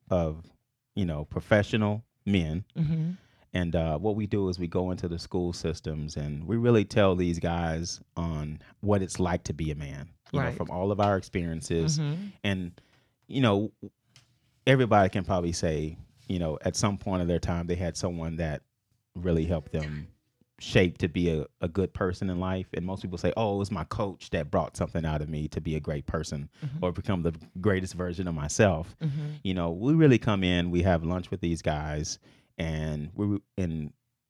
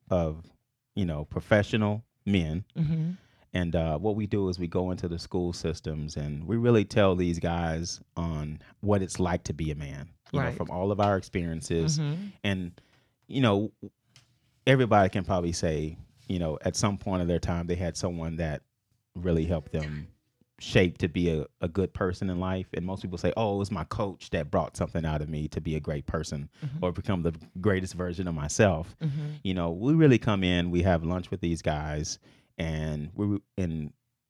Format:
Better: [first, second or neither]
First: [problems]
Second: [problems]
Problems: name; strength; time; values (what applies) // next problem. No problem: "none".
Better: neither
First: none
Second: none